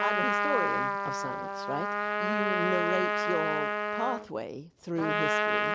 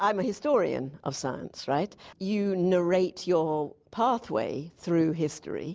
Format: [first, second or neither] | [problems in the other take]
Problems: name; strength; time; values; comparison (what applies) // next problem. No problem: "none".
second | background sound (Trumpet); 5 dB above the speech